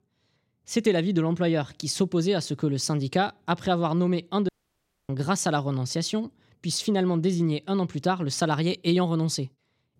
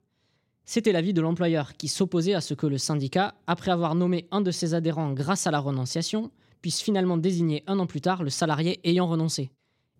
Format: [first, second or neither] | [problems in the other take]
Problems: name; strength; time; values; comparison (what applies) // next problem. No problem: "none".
second | audio cutting out; at 4.5 s for 0.5 s